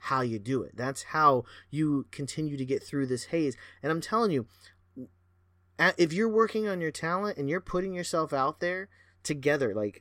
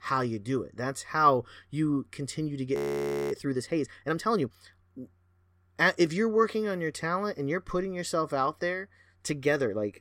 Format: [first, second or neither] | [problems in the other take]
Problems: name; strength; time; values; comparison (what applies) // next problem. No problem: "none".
first | audio freezing; at 3 s for 0.5 s